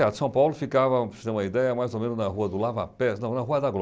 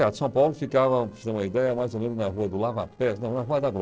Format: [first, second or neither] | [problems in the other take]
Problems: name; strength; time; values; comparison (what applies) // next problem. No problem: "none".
first | noise reduction (neural separator model SepFormer DNS4)